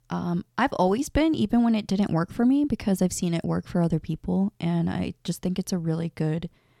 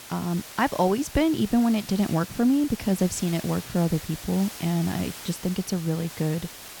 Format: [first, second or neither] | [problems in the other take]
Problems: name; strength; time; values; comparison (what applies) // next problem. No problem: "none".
first | hiss; noticeable; throughout; 15 dB below the speech